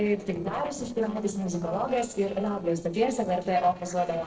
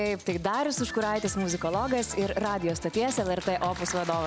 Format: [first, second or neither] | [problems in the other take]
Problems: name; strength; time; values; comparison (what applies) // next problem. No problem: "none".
second | noise reduction (neural separator model SepFormer DNS4)